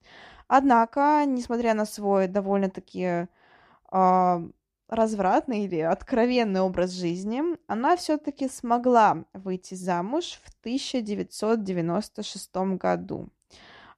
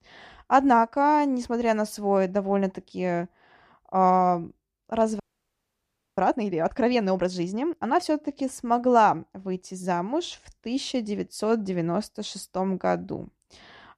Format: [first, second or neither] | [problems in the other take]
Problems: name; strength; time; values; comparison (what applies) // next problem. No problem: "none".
first | audio freezing; at 5 s for 1 s